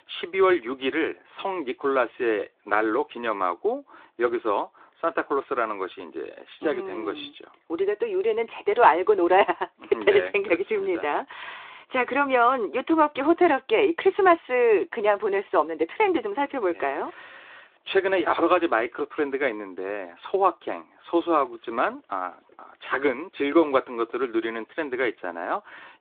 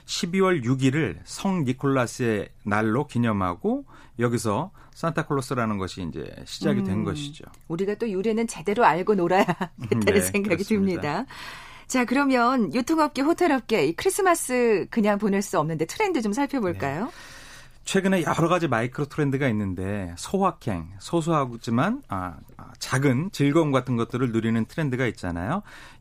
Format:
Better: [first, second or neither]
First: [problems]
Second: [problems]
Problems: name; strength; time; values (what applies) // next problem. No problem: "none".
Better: second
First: phone-call audio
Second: none